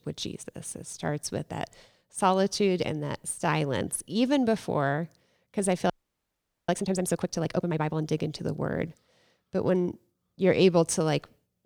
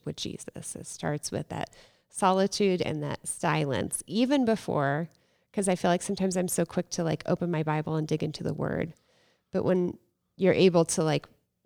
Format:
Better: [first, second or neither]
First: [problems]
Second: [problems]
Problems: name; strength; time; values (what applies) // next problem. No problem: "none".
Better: second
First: audio freezing; at 6 s for 1 s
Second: none